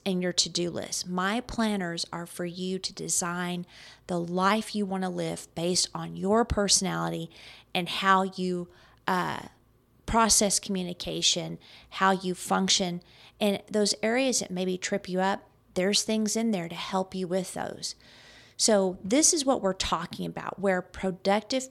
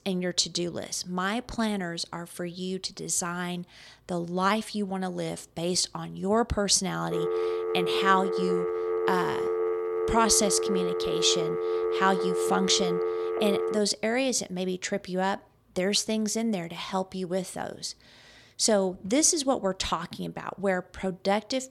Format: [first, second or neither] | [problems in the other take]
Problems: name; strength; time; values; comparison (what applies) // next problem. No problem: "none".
first | phone ringing; noticeable; from 7 to 14 s; peak level with the speech